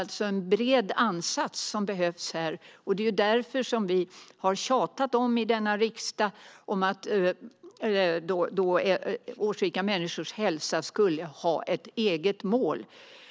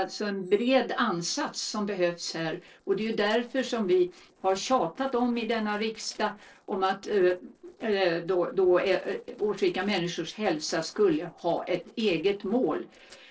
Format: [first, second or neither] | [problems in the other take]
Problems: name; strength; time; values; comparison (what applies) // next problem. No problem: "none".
first | noise reduction (neural separator model SepFormer DNS4)